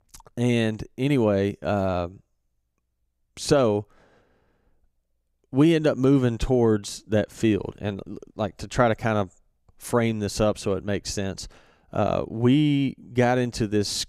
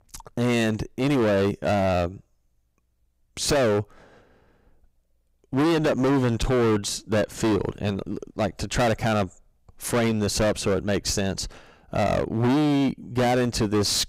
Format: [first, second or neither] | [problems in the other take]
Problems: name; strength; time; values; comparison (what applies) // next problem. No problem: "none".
first | distortion; heavy; 19% of the sound clipped